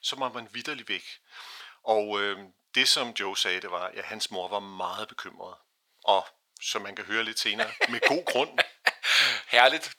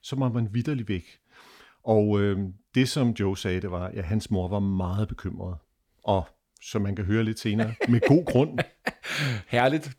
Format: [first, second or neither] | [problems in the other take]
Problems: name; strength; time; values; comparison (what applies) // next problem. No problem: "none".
second | thin; very; fading below 900 Hz